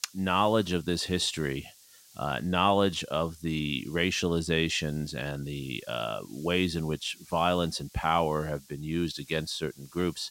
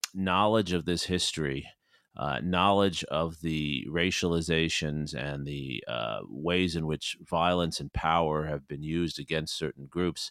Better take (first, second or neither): second